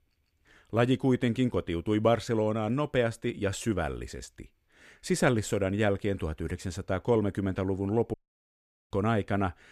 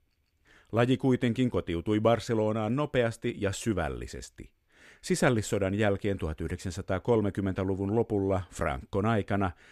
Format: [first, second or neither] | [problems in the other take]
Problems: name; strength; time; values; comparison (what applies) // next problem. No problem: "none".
second | audio cutting out; at 8 s for 1 s